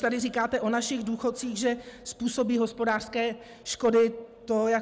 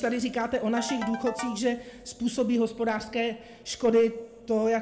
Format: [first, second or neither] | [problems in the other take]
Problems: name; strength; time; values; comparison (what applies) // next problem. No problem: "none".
first | background sound (Ringtone / Keyboard (musical)); 12 dB below the speech // room echo; dies away in 1.2 s